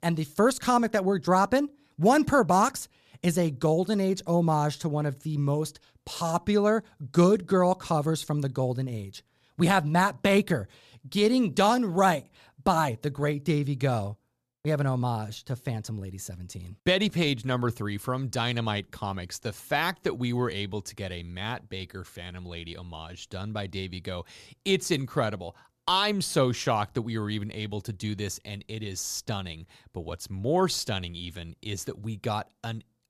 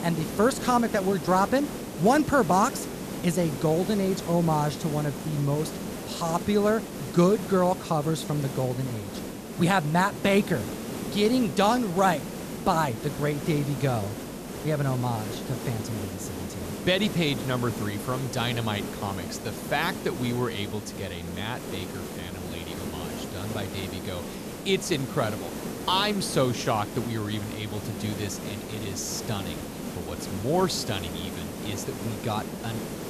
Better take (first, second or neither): first